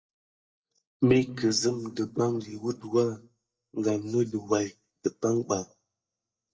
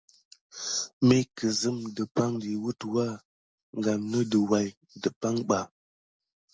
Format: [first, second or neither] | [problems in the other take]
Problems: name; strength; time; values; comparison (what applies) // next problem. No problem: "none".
second | noise reduction (neural mask model DeepFilterNet 3)